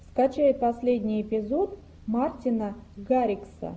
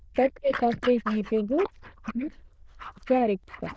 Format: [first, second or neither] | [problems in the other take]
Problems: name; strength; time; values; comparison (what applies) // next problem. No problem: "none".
first | noise reduction (neural diffusion model UNIVERSE++)